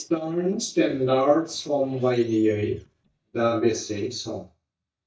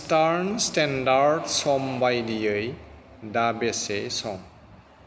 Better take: second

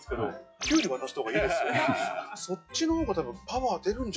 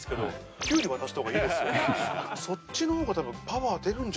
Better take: second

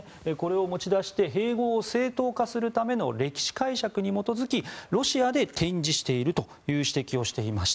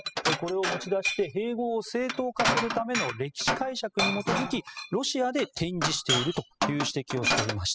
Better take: first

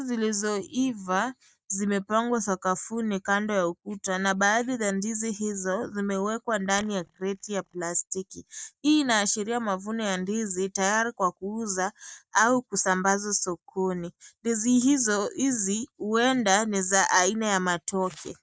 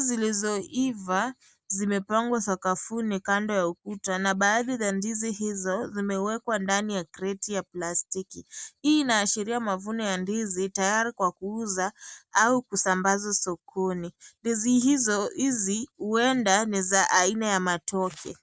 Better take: second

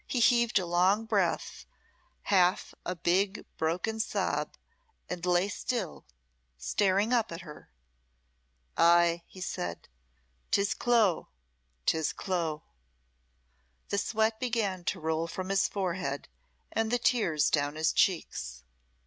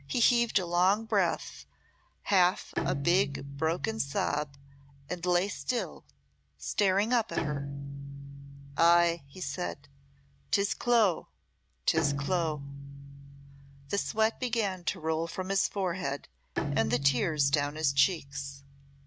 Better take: first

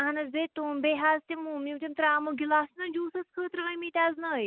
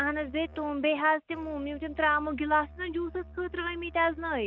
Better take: first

